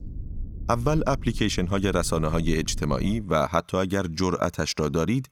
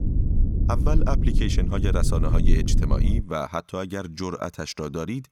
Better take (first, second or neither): first